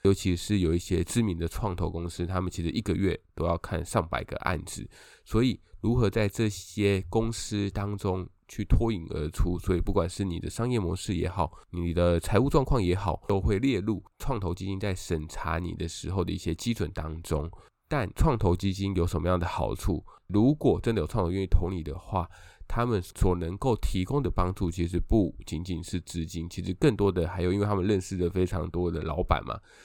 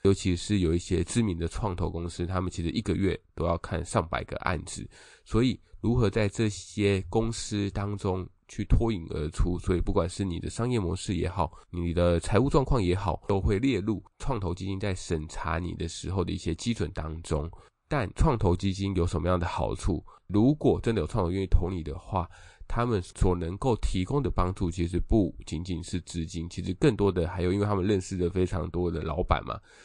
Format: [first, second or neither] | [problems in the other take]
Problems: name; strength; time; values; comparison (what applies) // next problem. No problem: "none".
first | garbled, watery; slightly; nothing above 8.5 kHz